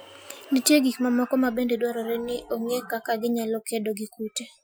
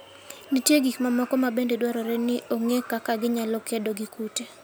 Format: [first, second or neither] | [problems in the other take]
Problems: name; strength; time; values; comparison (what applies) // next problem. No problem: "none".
second | noise reduction (classical method Wiener filter)